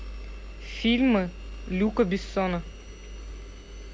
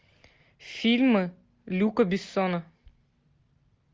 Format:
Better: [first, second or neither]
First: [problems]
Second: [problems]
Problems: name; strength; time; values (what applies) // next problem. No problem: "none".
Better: second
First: background sound (Engine); 10 dB below the speech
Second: none